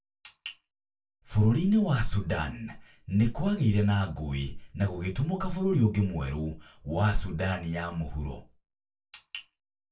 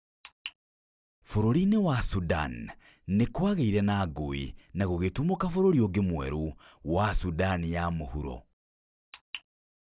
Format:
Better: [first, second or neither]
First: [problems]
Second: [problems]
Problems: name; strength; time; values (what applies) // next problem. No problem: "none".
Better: second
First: room echo; dies away in 0.2 s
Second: none